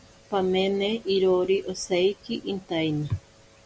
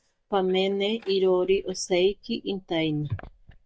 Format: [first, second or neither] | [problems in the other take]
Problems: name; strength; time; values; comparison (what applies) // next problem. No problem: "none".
first | noise reduction (neural mask model DeepFilterNet 3)